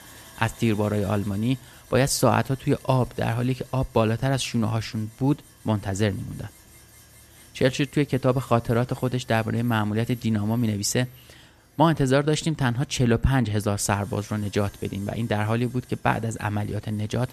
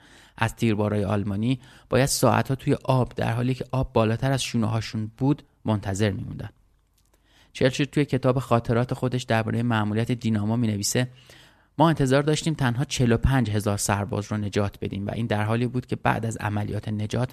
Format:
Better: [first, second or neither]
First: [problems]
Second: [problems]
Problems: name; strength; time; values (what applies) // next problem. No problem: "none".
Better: second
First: machinery noise; faint; throughout; 25 dB below the speech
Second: none